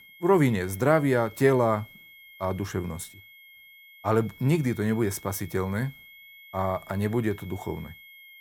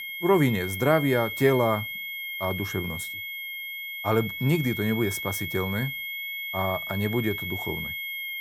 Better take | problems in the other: first | high-pitched whine; loud; throughout; 2 kHz, 5 dB below the speech; faint in the first

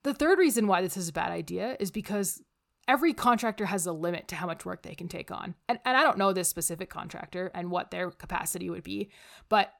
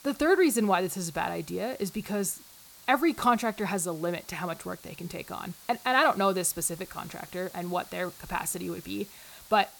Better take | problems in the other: first | hiss; noticeable; throughout; 20 dB below the speech

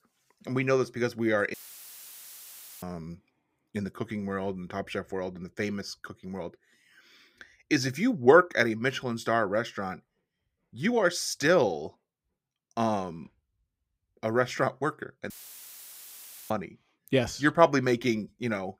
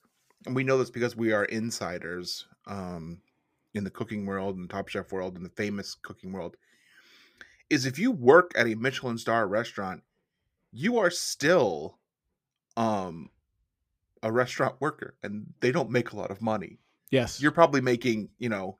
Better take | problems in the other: second | audio cutting out; filled with static; at 1.5 s for 1.5 s and at 15 s for 1 s

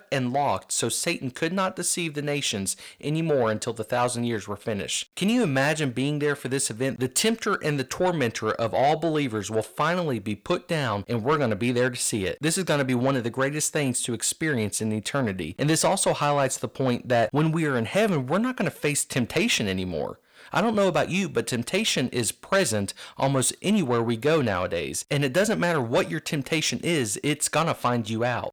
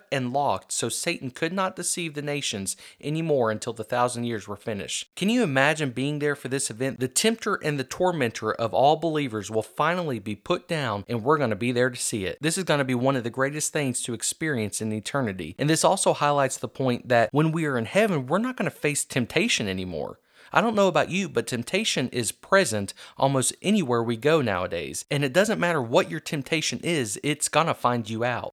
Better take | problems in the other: second | distortion; slight; 10 dB below the speech

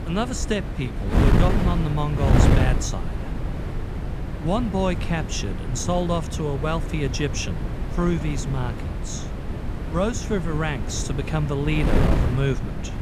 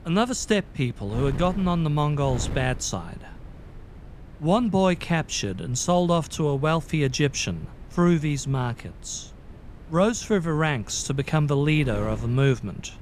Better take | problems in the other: second | wind noise on the microphone; heavy; 4 dB below the speech; occasional gusts in the second

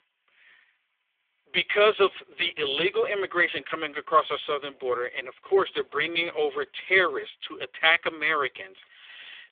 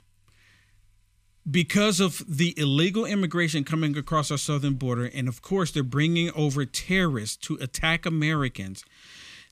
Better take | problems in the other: second | phone-call audio; poor line; nothing above 3.5 kHz

